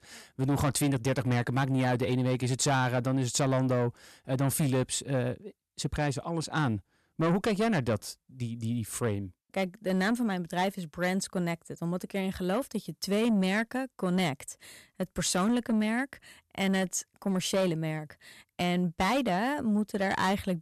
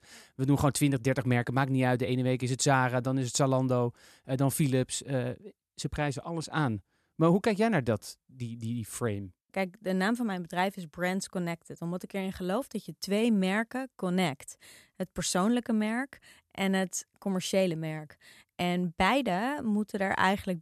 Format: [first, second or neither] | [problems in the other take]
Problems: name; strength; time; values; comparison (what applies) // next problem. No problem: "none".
second | distortion; slight; 10 dB below the speech